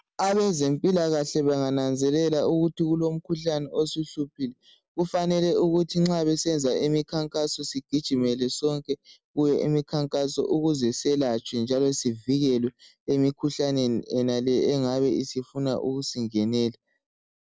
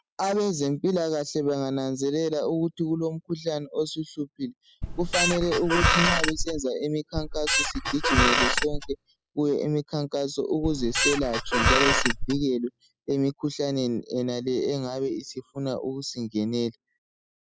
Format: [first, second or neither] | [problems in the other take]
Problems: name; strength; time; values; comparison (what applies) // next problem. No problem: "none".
first | noise reduction (classical method spectral subtraction)